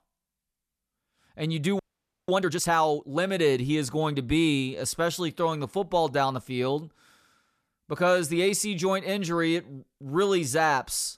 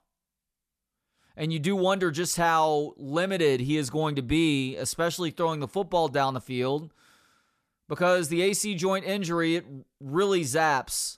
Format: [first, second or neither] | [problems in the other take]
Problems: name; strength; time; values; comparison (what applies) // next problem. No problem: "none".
second | audio freezing; at 2 s